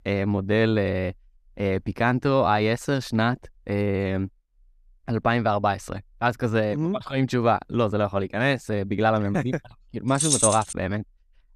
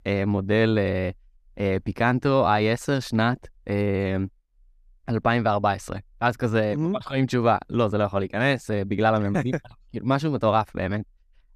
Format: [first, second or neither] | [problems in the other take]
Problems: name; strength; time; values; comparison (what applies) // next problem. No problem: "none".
second | jangling keys; loud; at 10 s; peak 4 dB above the speech